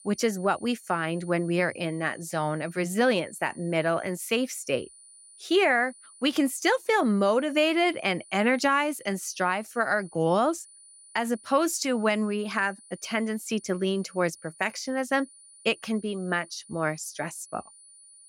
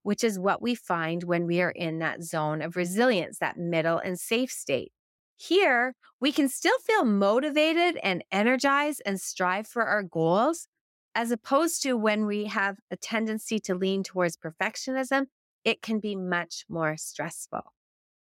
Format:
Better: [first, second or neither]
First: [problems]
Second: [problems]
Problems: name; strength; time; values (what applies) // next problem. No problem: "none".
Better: second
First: high-pitched whine; faint; throughout; 9.5 kHz, 20 dB below the speech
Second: none